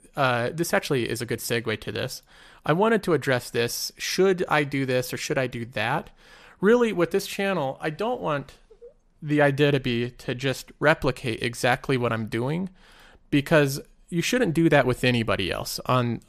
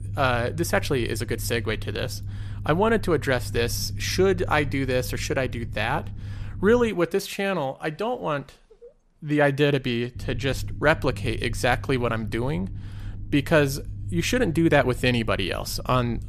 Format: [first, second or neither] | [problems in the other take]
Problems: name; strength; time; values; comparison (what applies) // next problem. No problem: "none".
first | low rumble; faint; until 7 s and from 10 s on; 25 dB below the speech